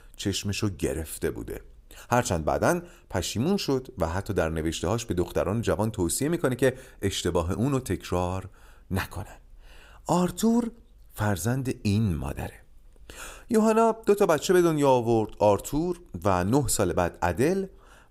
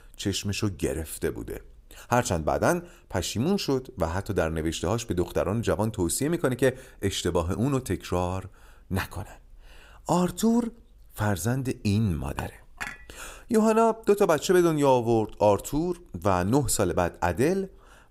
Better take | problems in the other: first | clattering dishes; faint; at 12 s; peak 10 dB below the speech

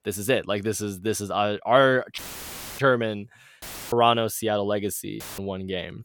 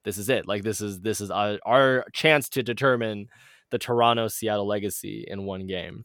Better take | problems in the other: second | audio cutting out; filled with static; at 2 s for 0.5 s, at 3.5 s and at 5 s

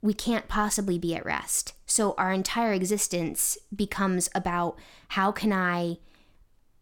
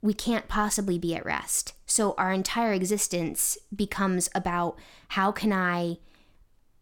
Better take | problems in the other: neither | none

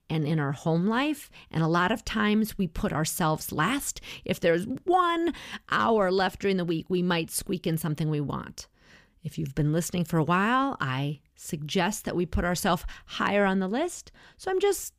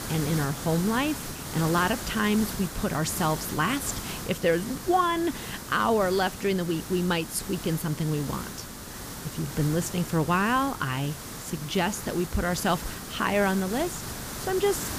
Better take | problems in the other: first | hiss; loud; throughout; 9 dB below the speech

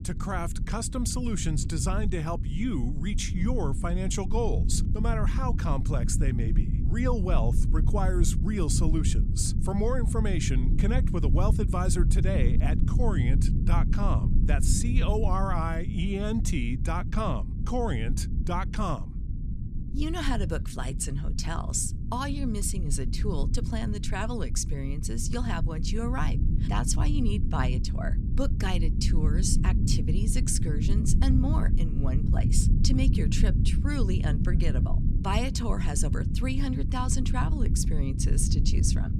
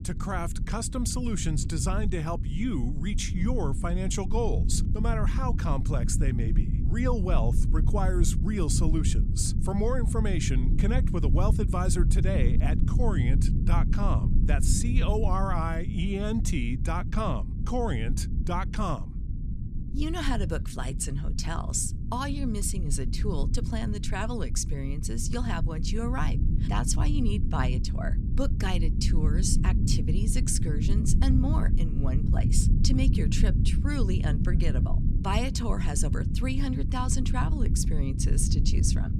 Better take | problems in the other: neither | low rumble; loud; throughout; 8 dB below the speech; the same in both

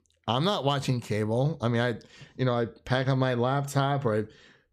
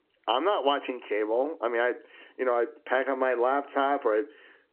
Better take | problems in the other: first | phone-call audio; nothing above 3 kHz

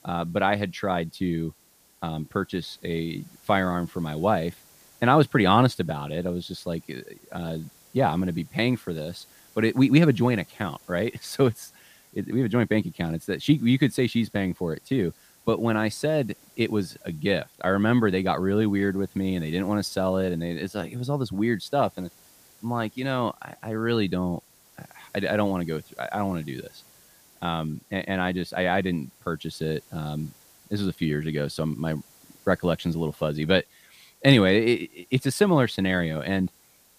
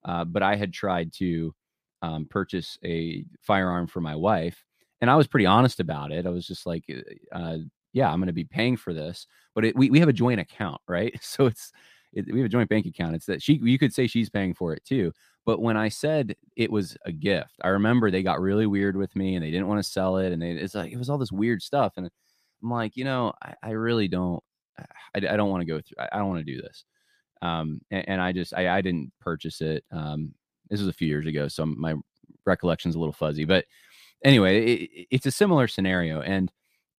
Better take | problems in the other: second | hiss; faint; throughout; 30 dB below the speech

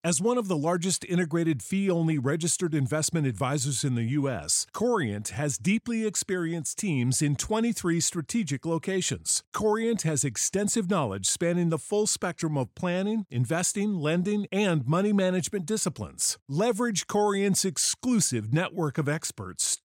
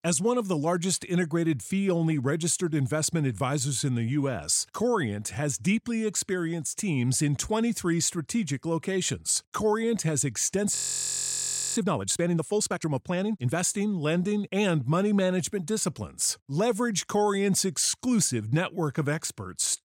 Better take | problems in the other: first | audio freezing; at 11 s for 1 s

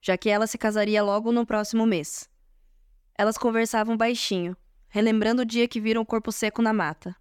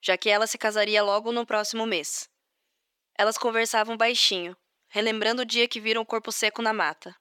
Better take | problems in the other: first | thin; somewhat; fading below 450 Hz

